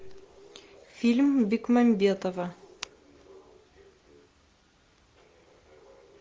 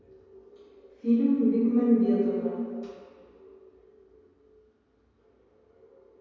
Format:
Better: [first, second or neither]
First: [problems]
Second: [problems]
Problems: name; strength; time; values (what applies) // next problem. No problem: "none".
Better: first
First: none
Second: room echo; dies away in 2.2 s